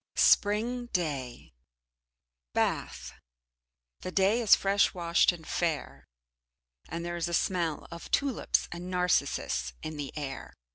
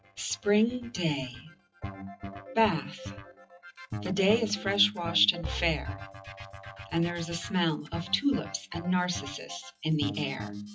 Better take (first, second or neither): first